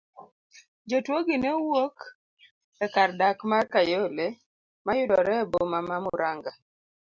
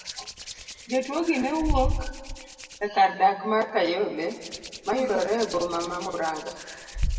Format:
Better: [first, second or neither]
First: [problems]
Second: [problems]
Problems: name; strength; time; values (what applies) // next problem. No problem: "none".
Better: first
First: none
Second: background sound (Hands); 6 dB below the speech // room echo; dies away in 1.6 s